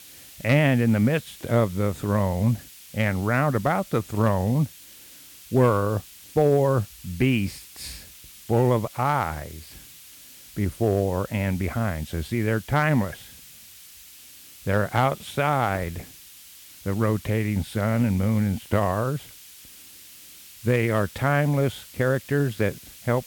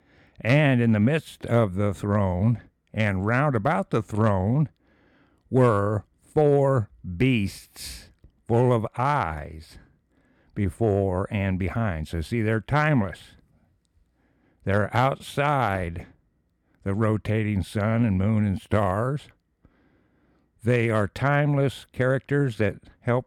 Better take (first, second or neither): second